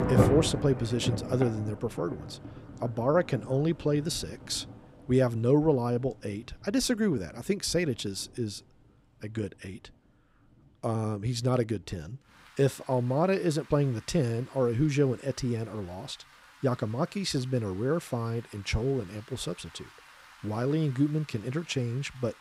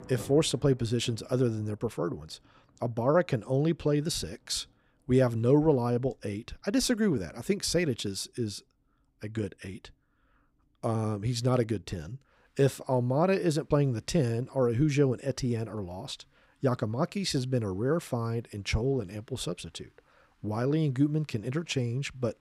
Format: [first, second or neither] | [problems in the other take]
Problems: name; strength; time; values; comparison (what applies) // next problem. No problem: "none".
second | rain or running water; loud; throughout; 5 dB below the speech; faint in the second